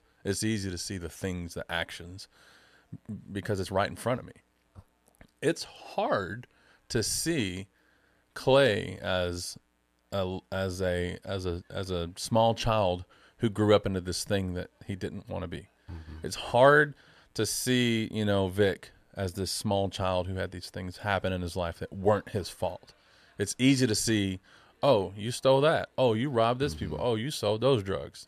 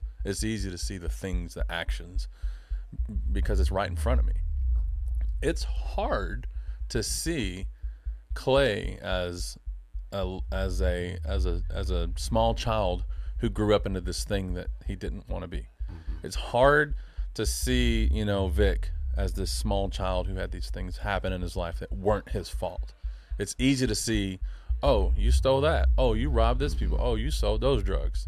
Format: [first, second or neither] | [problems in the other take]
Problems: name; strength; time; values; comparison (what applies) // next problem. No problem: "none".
first | low rumble; faint; throughout; 25 dB below the speech